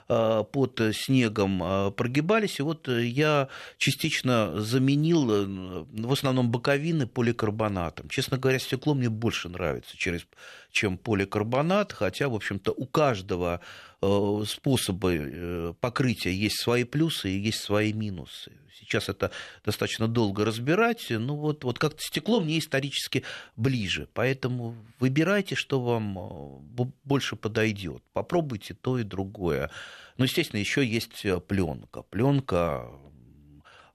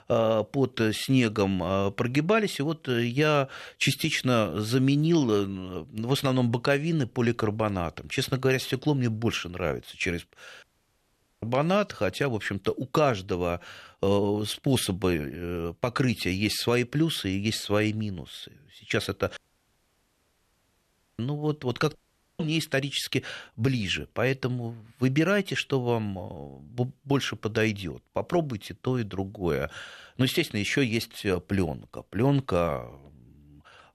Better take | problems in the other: first | audio cutting out; at 11 s for 1 s, at 19 s for 2 s and at 22 s

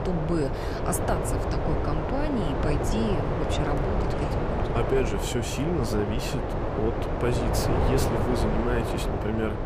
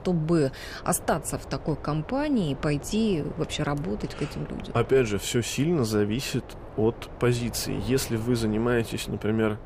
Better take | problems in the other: second | wind noise on the microphone; heavy; 2 dB above the speech; occasional gusts in the second

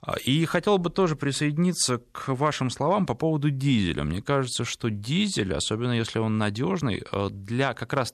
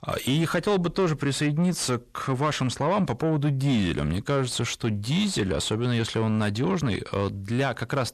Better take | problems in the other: first | distortion; slight; 10 dB below the speech

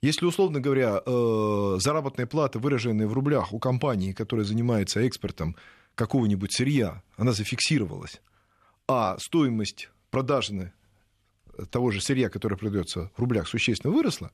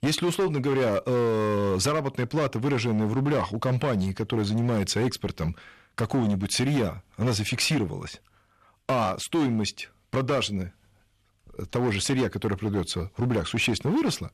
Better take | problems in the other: first | distortion; slight; 14% of the sound clipped

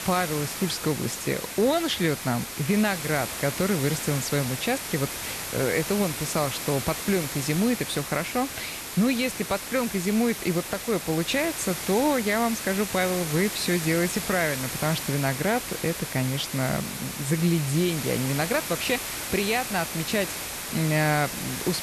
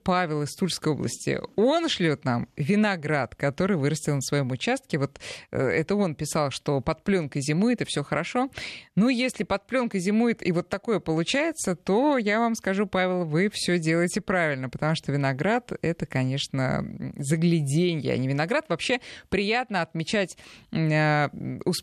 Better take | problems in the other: second | hiss; loud; throughout; 5 dB below the speech

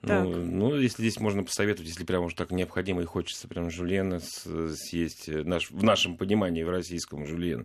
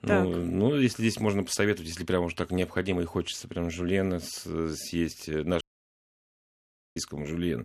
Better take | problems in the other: first | audio cutting out; at 5.5 s for 1.5 s

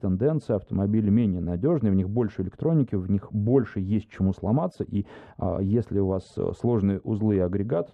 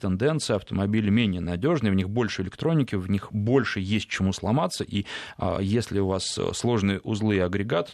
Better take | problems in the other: second | muffled; very; fading above 1.5 kHz

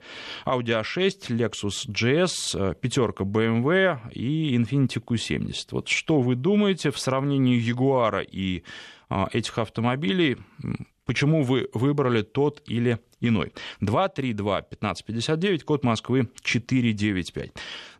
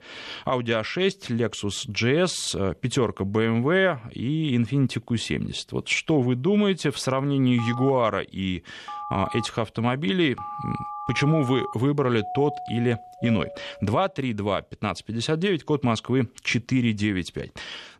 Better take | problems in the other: first | phone ringing; noticeable; from 7.5 to 12 s; peak 9 dB below the speech // doorbell; noticeable; from 12 to 14 s; peak 8 dB below the speech

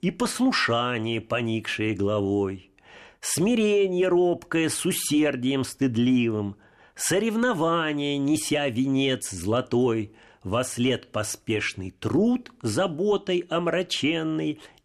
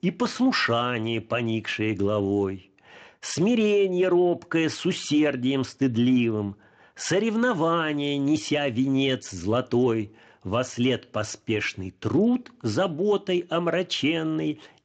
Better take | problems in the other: first | garbled, watery; slightly; nothing above 8 kHz

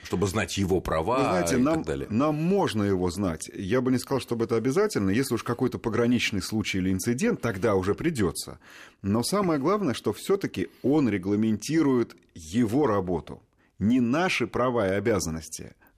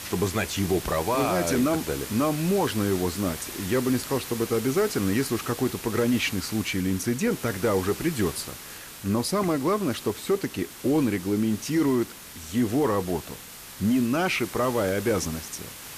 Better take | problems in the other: first | hiss; noticeable; throughout; 10 dB below the speech

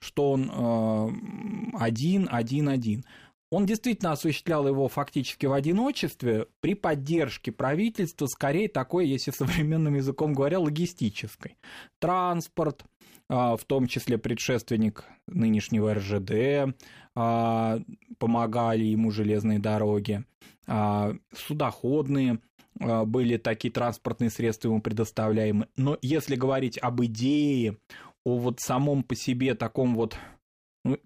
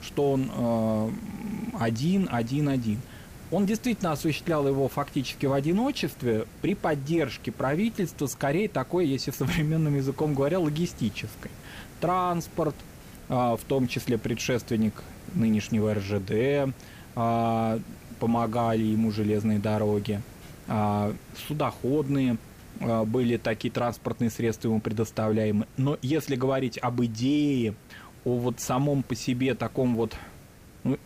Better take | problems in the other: first | hiss; noticeable; throughout; 20 dB below the speech

